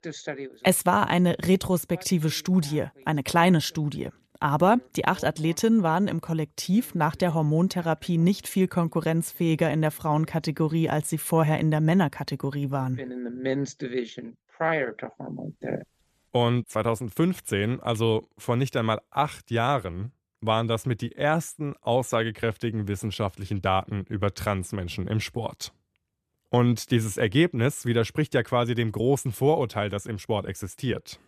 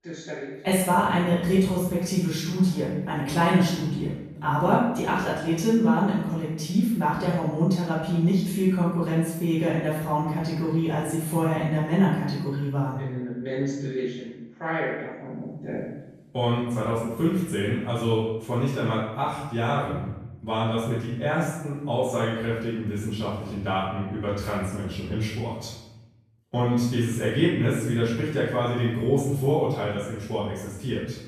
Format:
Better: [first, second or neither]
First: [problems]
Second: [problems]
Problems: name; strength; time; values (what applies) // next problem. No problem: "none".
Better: first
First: none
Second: off-mic speech; far // room echo; strong; dies away in 0.8 s